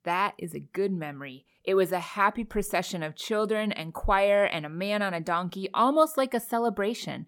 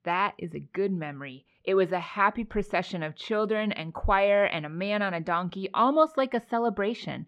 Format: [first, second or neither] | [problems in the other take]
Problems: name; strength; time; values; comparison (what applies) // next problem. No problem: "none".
first | muffled; very slightly; fading above 3 kHz